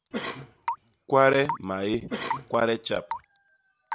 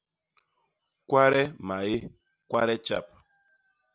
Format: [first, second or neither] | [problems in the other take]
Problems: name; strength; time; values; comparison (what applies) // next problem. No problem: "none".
second | background sound (Cough + Raindrop / Drip / Water tap, faucet); 9 dB below the speech